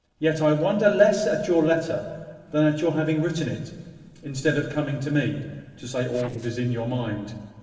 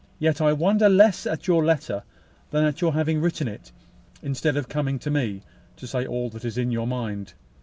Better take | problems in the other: second | noise reduction (neural separator model SepFormer DNS4)

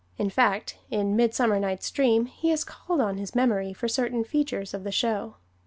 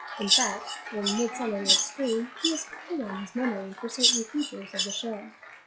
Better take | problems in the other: first | noise reduction (classical method log-MMSE)

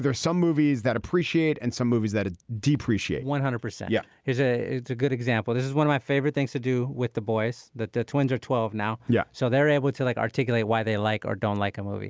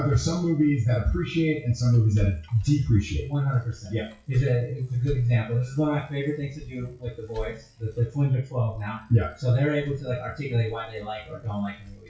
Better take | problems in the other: first | noise reduction (classical method WPE with log-MMSE)

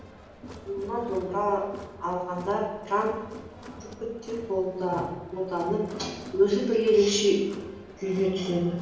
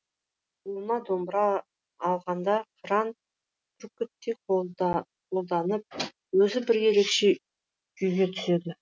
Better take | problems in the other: second | background sound (Crowd); 17 dB below the speech // room echo; dies away in 1 s

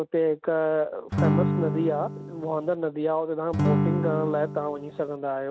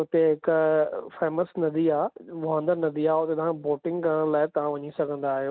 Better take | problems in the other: second | background sound (Acoustic guitar / Strum); 1 dB above the speech

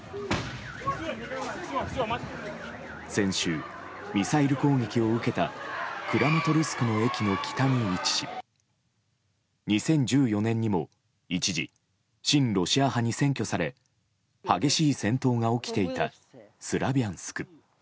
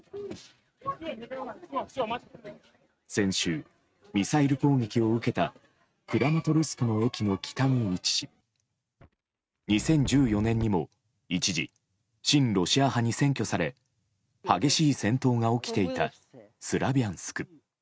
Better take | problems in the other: first | noise reduction (neural mask model RNNoise)

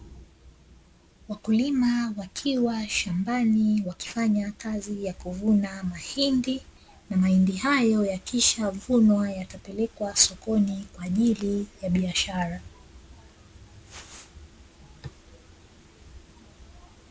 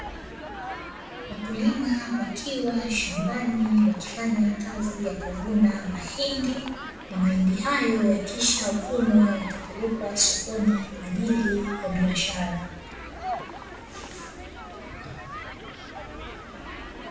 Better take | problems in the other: first | background sound (Human group actions); 12 dB below the speech // room echo; dies away in 0.7 s

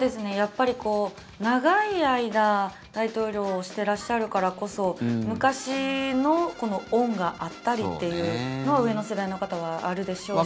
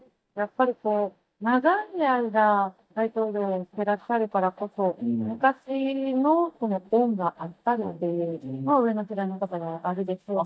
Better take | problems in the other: first | noise reduction (neural mask model DeepFilterNet 3)

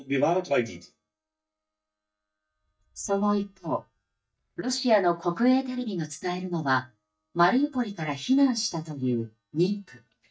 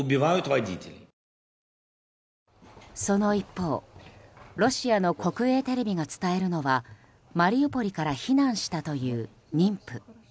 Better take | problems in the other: second | noise reduction (neural mask model DeepFilterNet 3)

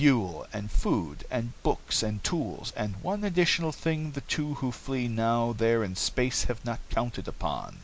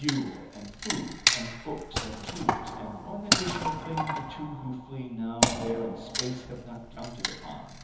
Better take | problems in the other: first | background sound (Wood); 4 dB above the speech // room echo; dies away in 1.3 s

